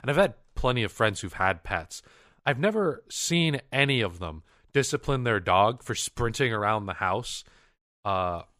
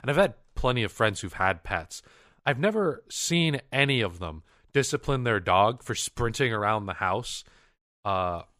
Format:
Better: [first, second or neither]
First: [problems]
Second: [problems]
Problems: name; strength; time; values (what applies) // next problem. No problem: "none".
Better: neither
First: none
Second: none